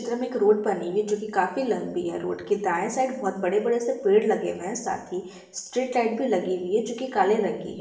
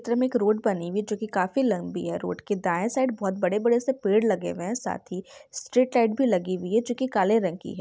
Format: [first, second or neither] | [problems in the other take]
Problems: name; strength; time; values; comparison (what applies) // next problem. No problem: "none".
second | room echo; dies away in 0.7 s